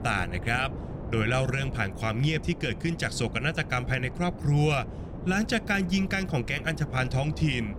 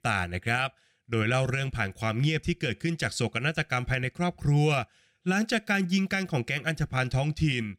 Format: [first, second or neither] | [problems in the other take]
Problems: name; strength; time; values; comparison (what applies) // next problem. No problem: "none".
second | wind noise on the microphone; occasional gusts; 15 dB below the speech